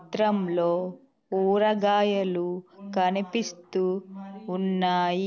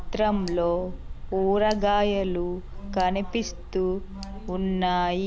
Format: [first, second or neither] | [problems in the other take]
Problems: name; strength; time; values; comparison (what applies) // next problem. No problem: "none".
first | background sound (Tick); 9 dB below the speech